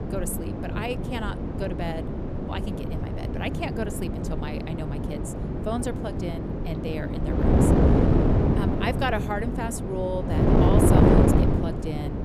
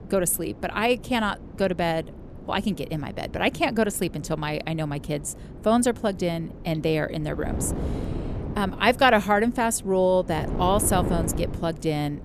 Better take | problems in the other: second | wind noise on the microphone; heavy; 3 dB above the speech; occasional gusts in the second

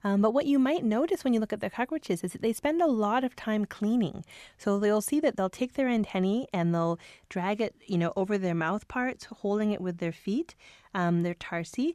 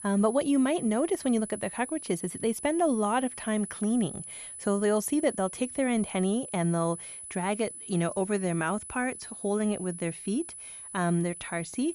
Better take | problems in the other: first | high-pitched whine; noticeable; throughout; 10 kHz, 10 dB below the speech

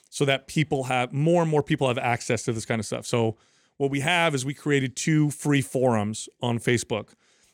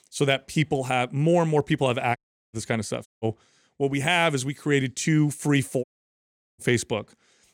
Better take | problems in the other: first | audio cutting out; at 2 s, at 3 s and at 6 s for 0.5 s

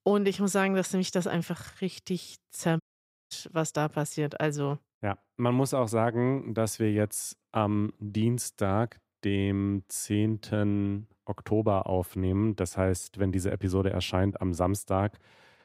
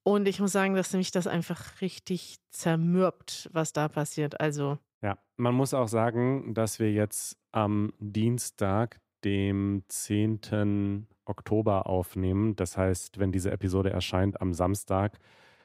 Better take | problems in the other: second | audio cutting out; at 3 s for 0.5 s

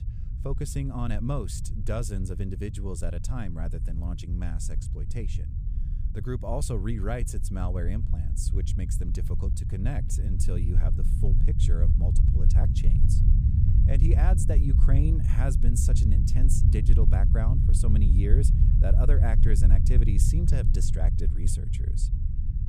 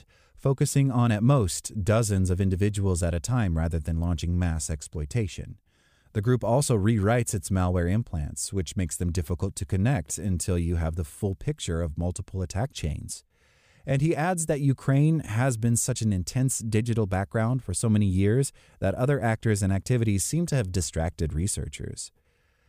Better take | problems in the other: second | low rumble; loud; throughout; 4 dB below the speech

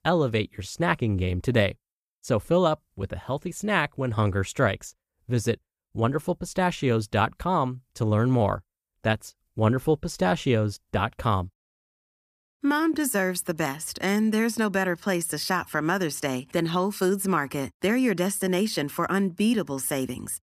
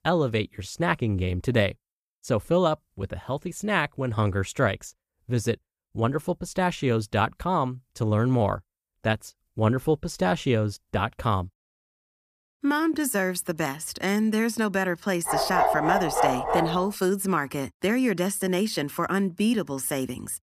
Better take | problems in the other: first | dog barking; loud; from 15 to 17 s; peak 3 dB above the speech

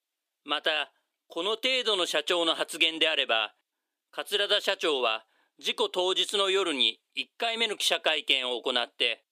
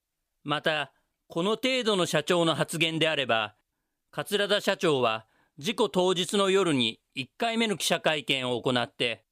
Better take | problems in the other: second | thin; somewhat; fading below 300 Hz

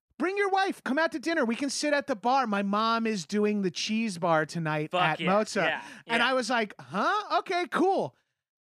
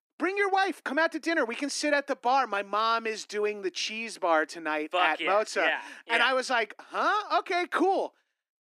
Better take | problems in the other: first | thin; somewhat; fading below 300 Hz

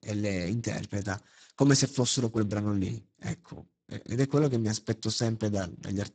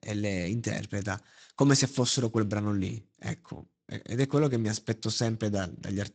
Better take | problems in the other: second | garbled, watery; badly; nothing above 8 kHz; slightly in the second

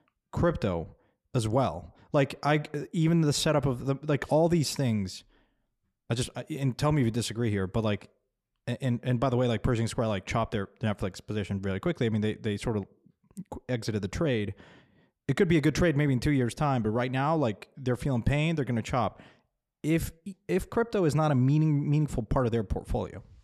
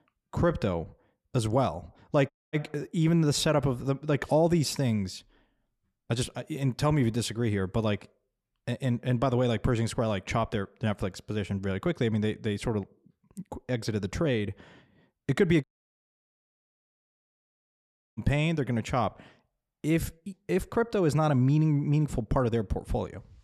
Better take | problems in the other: first | audio cutting out; at 2.5 s and at 16 s for 2.5 s

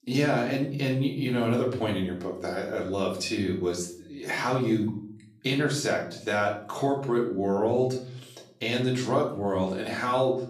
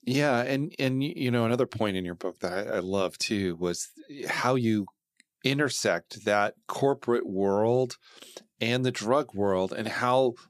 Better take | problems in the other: second | room echo; slight; dies away in 0.5 s // off-mic speech; far

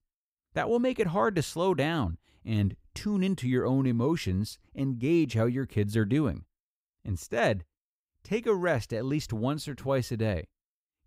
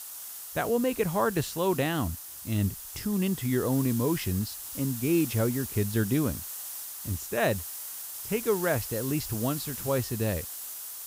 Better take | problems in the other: first | hiss; loud; throughout; 7 dB below the speech

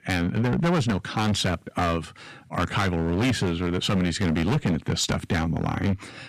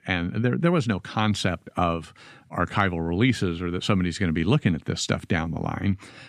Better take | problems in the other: second | distortion; heavy; 14% of the sound clipped

